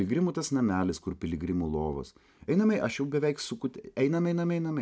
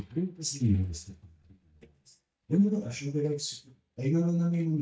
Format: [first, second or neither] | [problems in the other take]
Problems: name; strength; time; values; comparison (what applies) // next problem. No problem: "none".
first | noise reduction (neural mask model DeepFilterNet 3)